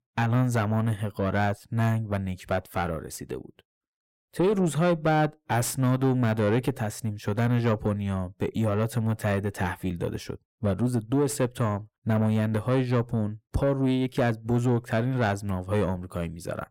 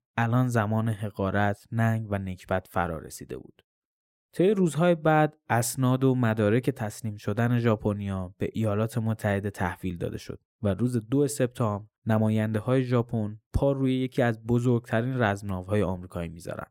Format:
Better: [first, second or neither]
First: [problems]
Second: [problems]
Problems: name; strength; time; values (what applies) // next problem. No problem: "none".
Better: second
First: distortion; slight; 10 dB below the speech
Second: none